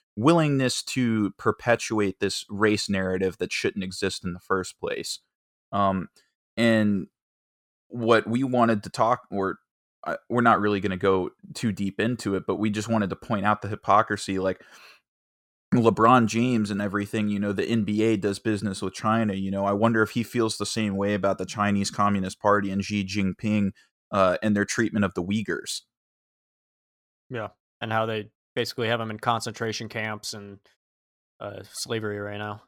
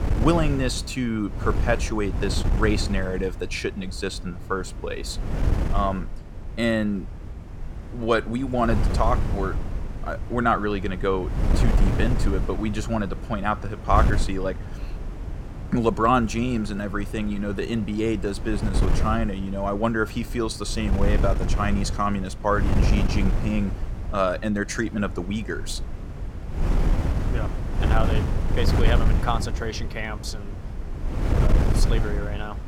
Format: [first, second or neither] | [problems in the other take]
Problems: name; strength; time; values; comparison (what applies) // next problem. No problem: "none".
first | wind noise on the microphone; heavy; 10 dB below the speech